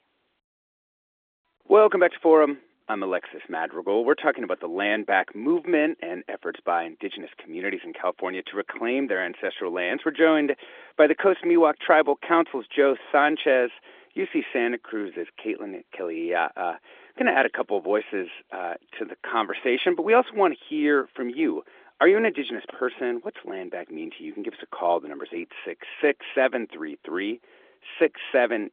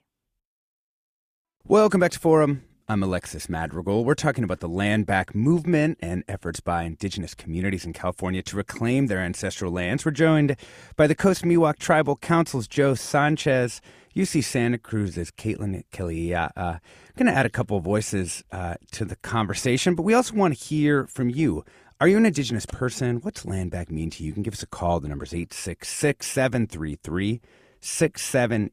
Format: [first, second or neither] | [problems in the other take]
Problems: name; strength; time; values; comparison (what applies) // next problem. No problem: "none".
second | phone-call audio; nothing above 3.5 kHz